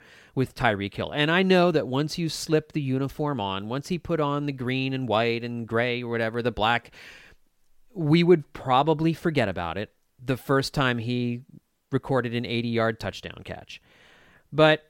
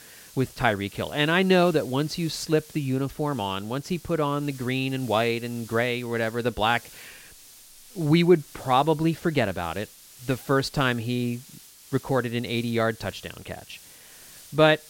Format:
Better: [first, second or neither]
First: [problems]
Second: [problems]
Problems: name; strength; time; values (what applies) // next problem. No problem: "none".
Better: first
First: none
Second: hiss; faint; throughout; 20 dB below the speech